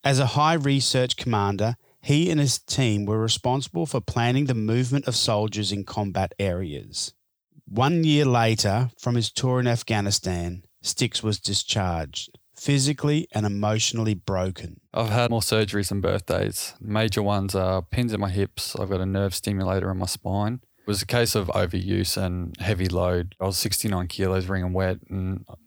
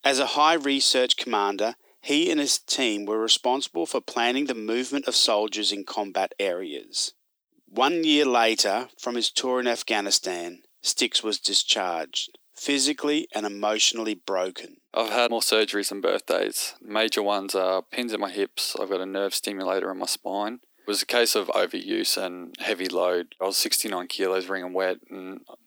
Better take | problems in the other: first | thin; somewhat; fading below 250 Hz

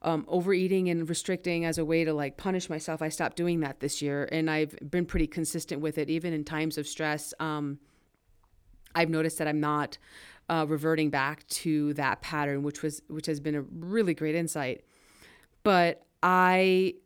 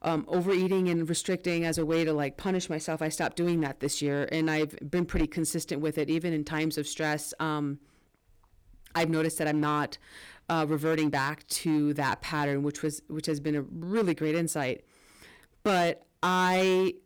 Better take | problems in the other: first | distortion; slight; 8% of the sound clipped

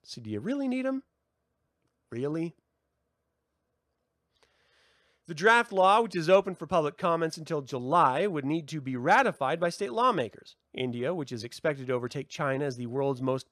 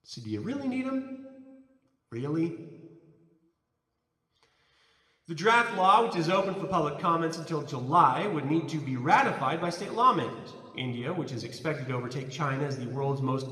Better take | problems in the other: first | room echo; slight; dies away in 1.3 s

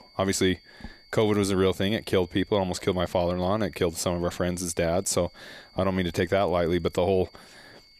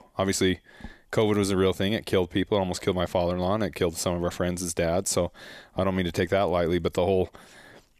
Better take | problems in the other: second | high-pitched whine; faint; throughout; 4.5 kHz, 25 dB below the speech

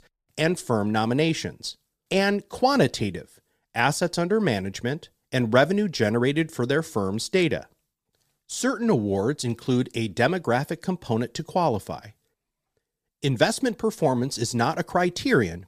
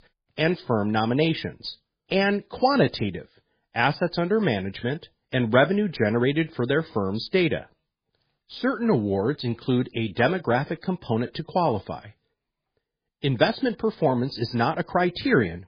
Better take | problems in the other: first | garbled, watery; badly; nothing above 5 kHz

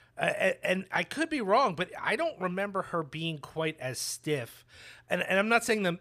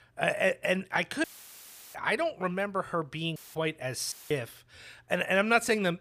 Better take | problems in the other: first | audio cutting out; filled with static; at 1 s for 0.5 s, at 3.5 s and at 4 s

